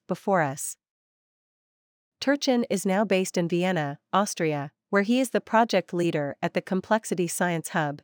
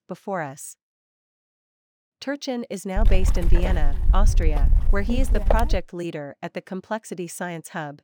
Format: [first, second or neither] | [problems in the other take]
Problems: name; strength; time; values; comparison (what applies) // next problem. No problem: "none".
first | wind noise on the microphone; heavy; from 3 to 6 s; 4 dB below the speech